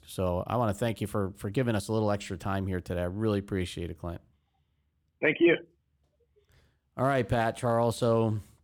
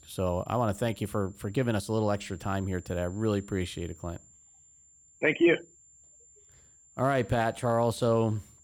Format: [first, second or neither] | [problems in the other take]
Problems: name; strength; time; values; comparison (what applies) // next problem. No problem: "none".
first | high-pitched whine; faint; throughout; 7.5 kHz, 25 dB below the speech